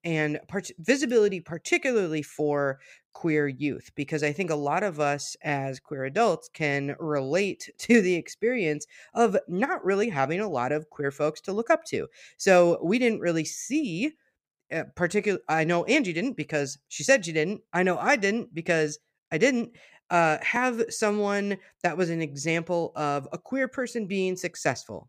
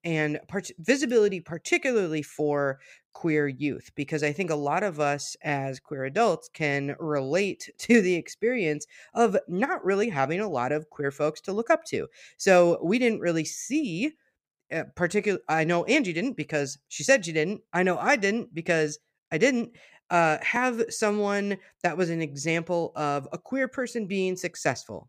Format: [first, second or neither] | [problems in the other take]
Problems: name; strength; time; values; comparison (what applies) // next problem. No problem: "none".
neither | none